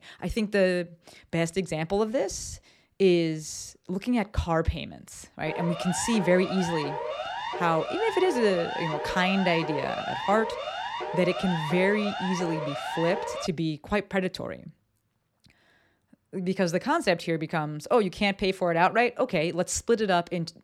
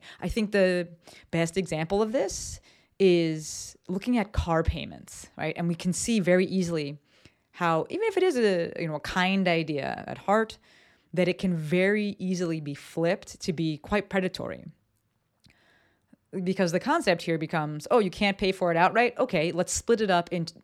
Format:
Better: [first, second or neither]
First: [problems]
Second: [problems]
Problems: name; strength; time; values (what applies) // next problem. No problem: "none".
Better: second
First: siren; noticeable; from 5.5 to 13 s; peak 5 dB below the speech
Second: none